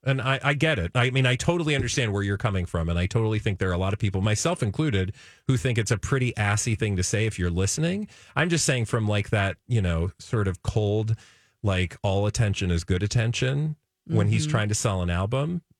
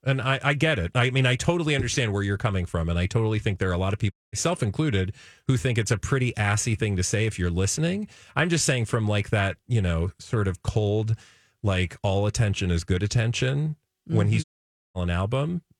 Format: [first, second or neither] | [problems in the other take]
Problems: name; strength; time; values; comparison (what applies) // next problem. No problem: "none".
first | audio cutting out; at 4 s and at 14 s for 0.5 s